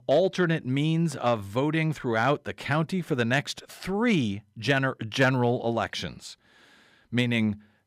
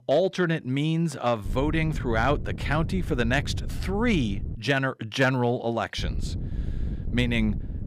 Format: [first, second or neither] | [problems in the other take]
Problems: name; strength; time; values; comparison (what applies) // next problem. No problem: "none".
first | wind noise on the microphone; occasional gusts; from 1.5 to 4.5 s and from 6 s on; 20 dB below the speech